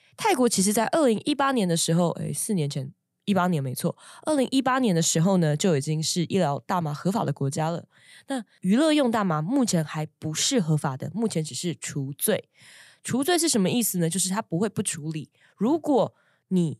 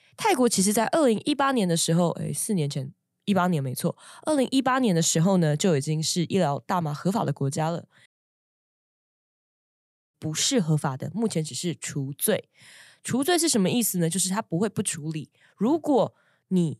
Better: first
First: none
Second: audio cutting out; at 8 s for 2 s

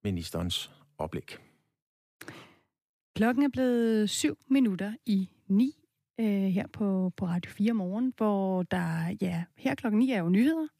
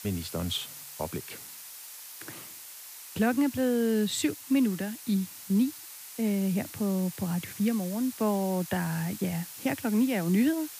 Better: first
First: none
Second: hiss; noticeable; throughout; 10 dB below the speech

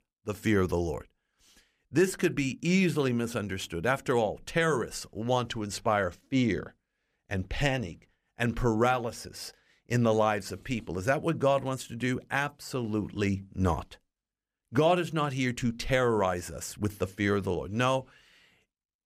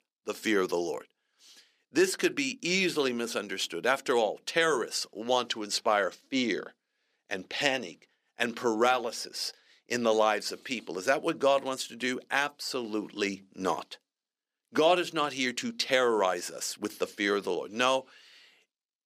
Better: first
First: none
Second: thin; somewhat; fading below 300 Hz

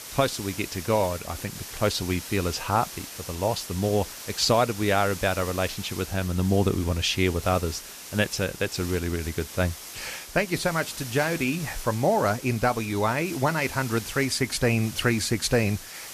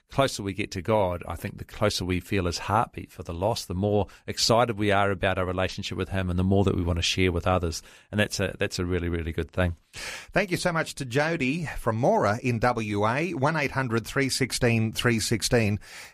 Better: second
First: hiss; noticeable; throughout; 10 dB below the speech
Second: none

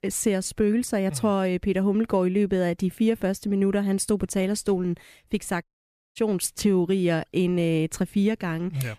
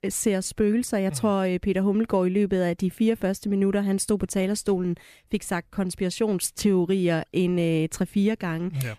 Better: second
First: audio cutting out; at 5.5 s for 0.5 s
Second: none

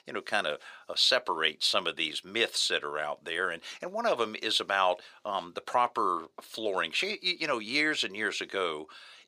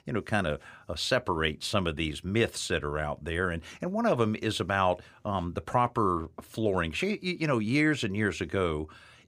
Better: second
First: thin; very; fading below 500 Hz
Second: none

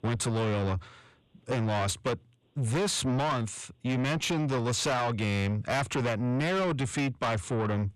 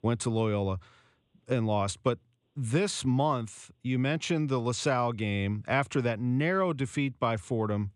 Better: second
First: distortion; heavy; 6 dB below the speech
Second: none

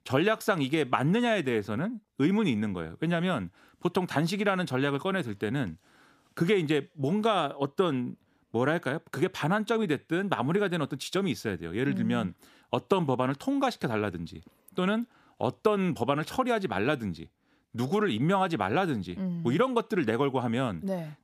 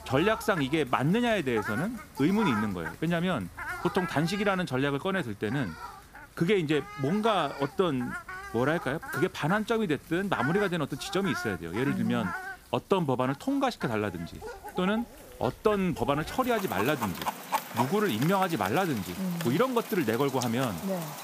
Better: first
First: none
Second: animal sounds; loud; throughout; 10 dB below the speech

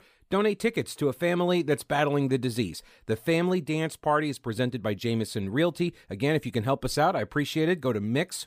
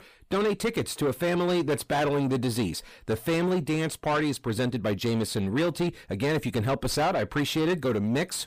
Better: first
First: none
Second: distortion; heavy; 7 dB below the speech

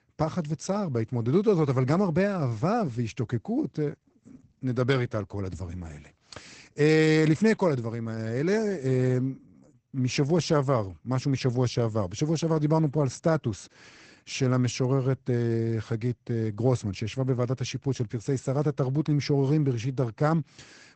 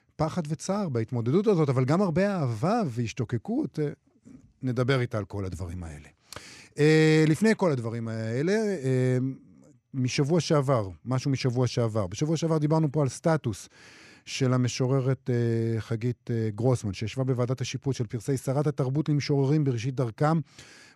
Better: second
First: garbled, watery; badly; nothing above 8 kHz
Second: none

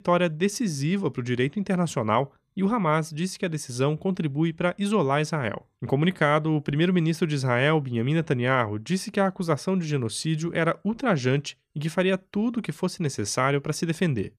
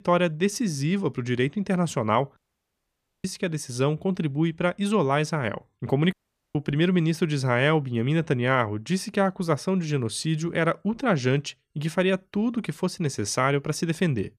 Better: first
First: none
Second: audio cutting out; at 2.5 s for 1 s and at 6 s

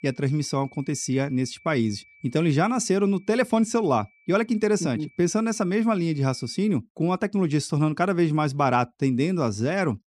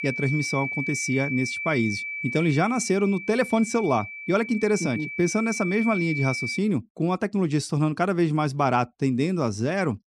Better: first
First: high-pitched whine; faint; until 6.5 s; 2.5 kHz, 30 dB below the speech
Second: high-pitched whine; loud; until 6.5 s; 2.5 kHz, 6 dB below the speech

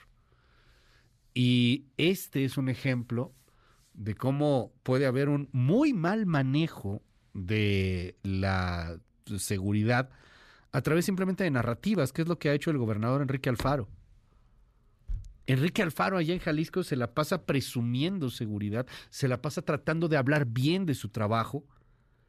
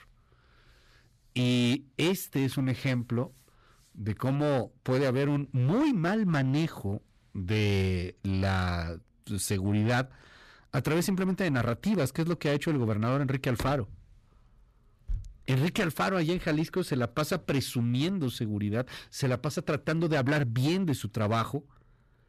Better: first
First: none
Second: distortion; slight; 10% of the sound clipped

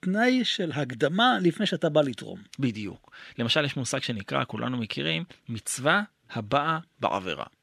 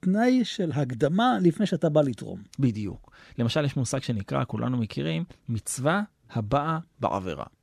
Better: second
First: thin; very slightly; fading below 400 Hz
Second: none

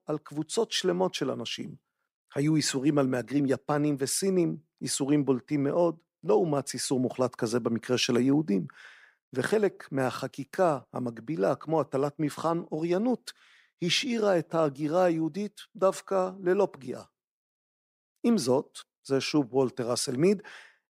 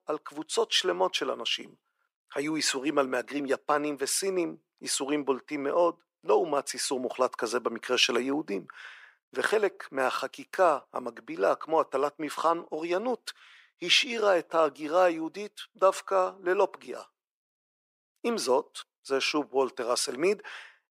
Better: first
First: none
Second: thin; somewhat; fading below 500 Hz

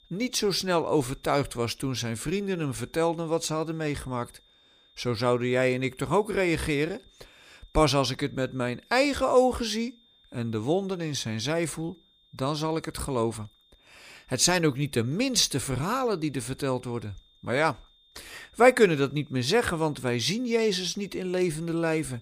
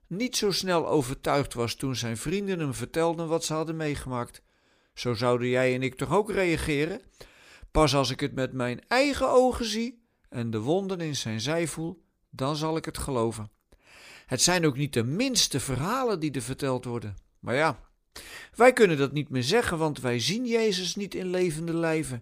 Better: second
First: high-pitched whine; faint; throughout; 3.5 kHz, 30 dB below the speech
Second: none

